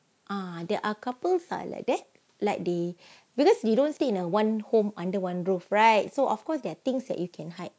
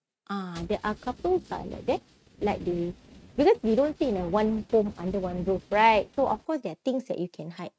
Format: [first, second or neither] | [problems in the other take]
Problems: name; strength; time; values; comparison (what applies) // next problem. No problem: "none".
first | noise reduction (neural mask model RNNoise)